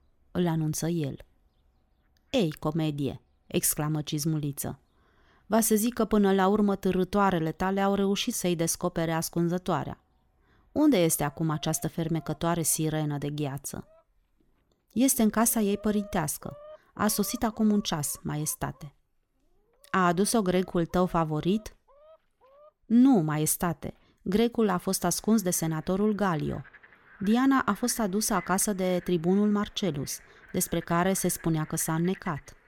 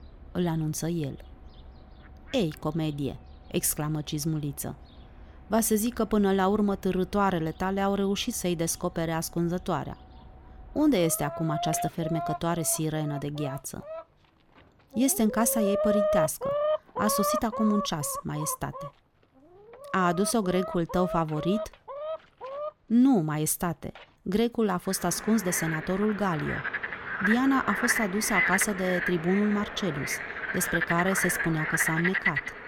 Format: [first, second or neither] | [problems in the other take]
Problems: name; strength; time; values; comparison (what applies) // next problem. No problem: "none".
first | animal sounds; loud; throughout; 3 dB below the speech; faint in the first